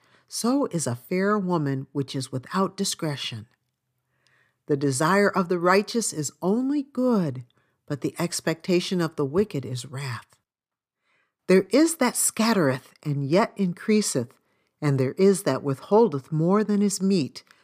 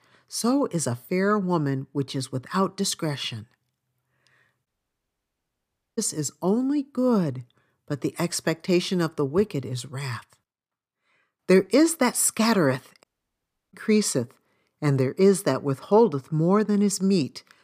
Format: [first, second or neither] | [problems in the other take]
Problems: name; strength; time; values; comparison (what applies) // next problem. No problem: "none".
first | audio cutting out; at 4.5 s for 1.5 s and at 13 s for 0.5 s